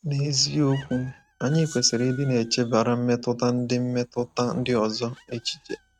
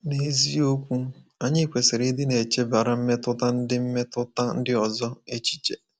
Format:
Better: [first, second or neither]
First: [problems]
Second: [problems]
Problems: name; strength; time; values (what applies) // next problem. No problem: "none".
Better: second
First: noise reduction (neural mask model RNNoise)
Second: none